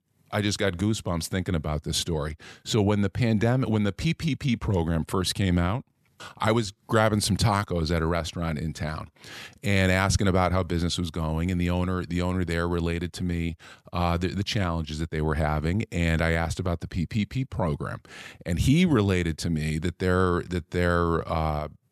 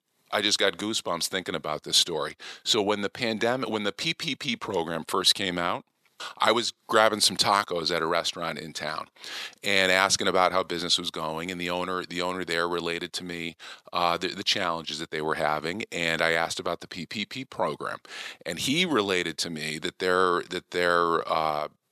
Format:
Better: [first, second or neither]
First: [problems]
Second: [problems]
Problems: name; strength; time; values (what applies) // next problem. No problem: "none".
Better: first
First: none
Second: thin; somewhat; fading below 400 Hz